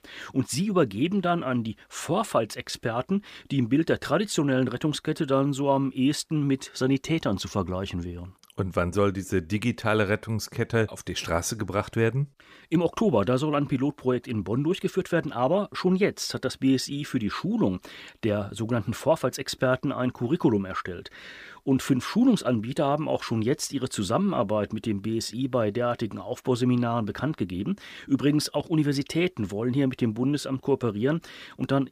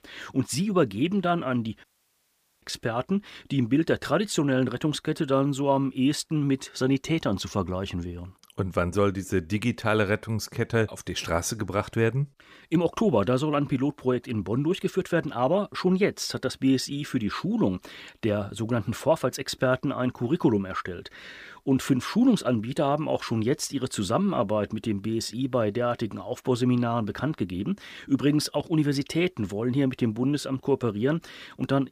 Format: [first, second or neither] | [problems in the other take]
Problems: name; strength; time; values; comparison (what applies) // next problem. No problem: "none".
first | audio cutting out; at 2 s for 1 s